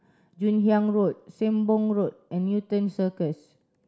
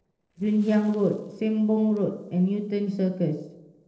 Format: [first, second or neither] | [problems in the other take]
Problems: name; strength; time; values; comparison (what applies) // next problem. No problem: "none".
first | noise reduction (neural separator model SepFormer DNS4)